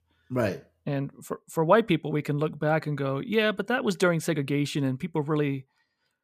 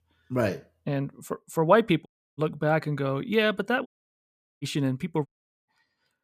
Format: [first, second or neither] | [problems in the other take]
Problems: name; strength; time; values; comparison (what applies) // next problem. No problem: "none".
first | audio cutting out; at 2 s, at 4 s for 1 s and at 5.5 s